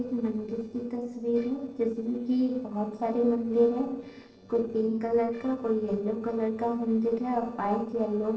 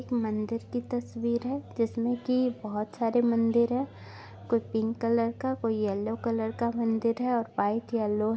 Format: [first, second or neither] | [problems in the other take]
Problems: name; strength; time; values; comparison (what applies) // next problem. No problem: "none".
second | noise reduction (neural separator model SepFormer DNS4)